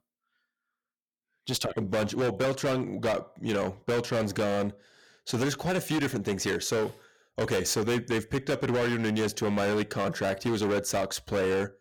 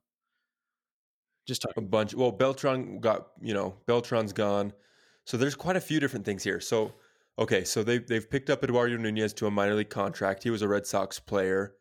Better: second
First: distortion; heavy; 18% of the sound clipped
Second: none

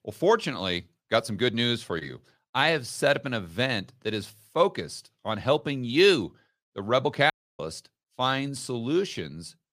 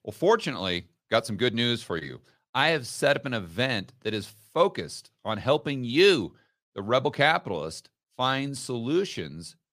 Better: second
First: audio cutting out; at 7.5 s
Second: none

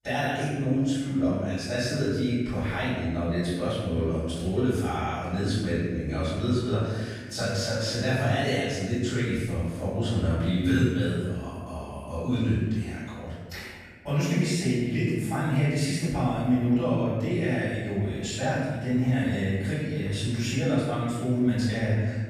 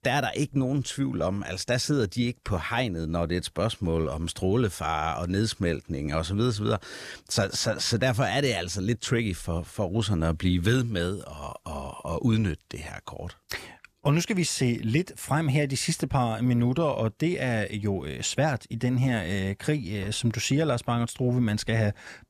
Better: second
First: room echo; strong; dies away in 1.2 s // off-mic speech; far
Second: none

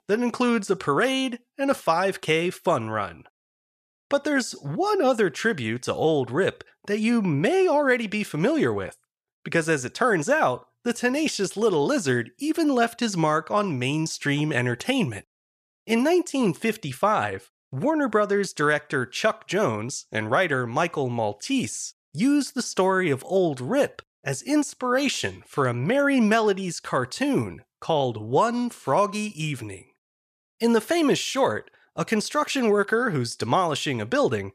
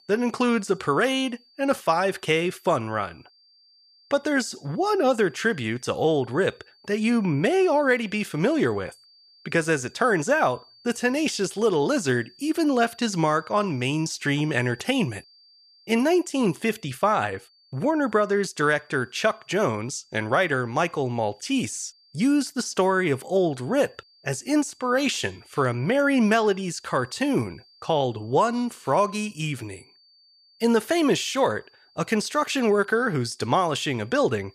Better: first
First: none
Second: high-pitched whine; faint; throughout; 4.5 kHz, 30 dB below the speech

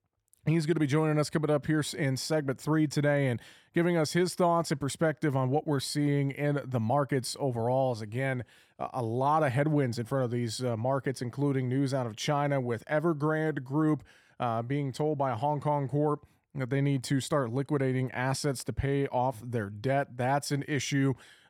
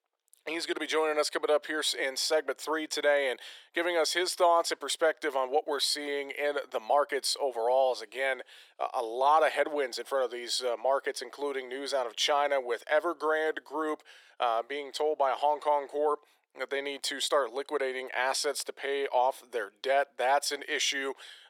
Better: first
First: none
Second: thin; very; fading below 400 Hz

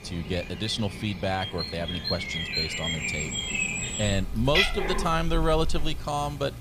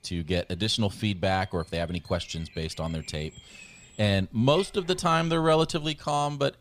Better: second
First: animal sounds; loud; throughout; as loud as the speech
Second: animal sounds; faint; throughout; 25 dB below the speech

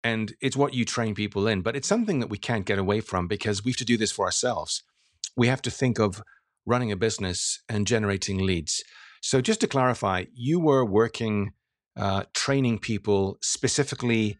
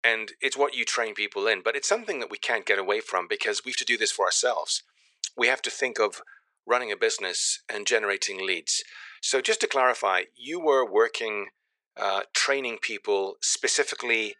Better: first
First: none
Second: thin; very; fading below 450 Hz

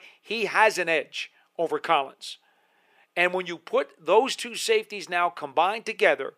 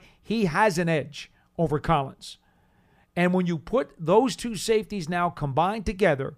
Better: second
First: thin; very; fading below 350 Hz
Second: none

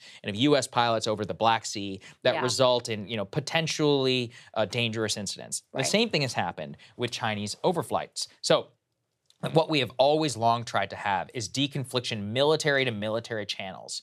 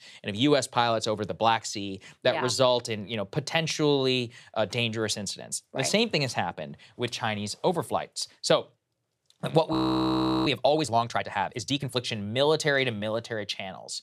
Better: first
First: none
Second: audio freezing; at 9.5 s for 0.5 s

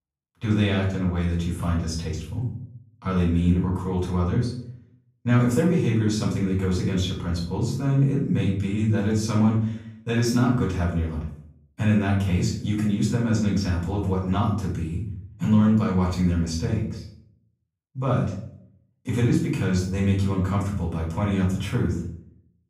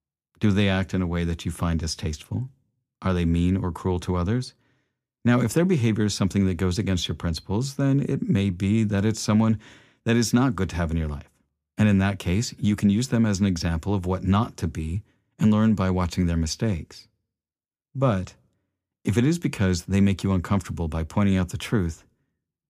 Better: second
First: off-mic speech; far // room echo; noticeable; dies away in 0.5 s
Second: none

